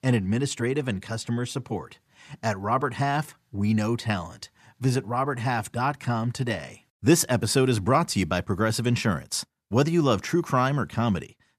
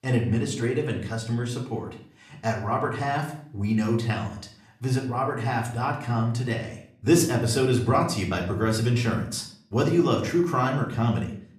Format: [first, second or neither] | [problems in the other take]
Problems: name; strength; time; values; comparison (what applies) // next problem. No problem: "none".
first | room echo; slight; dies away in 0.5 s // off-mic speech; somewhat distant